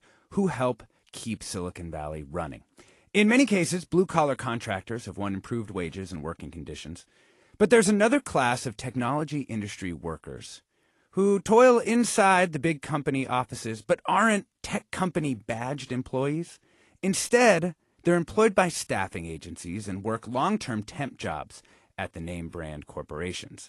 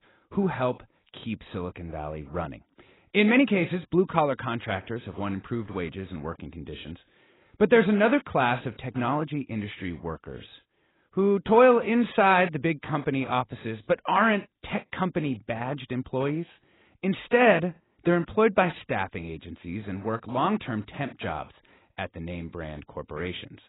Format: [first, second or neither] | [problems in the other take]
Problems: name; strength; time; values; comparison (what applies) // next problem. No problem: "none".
first | garbled, watery; badly; nothing above 4 kHz; slightly in the first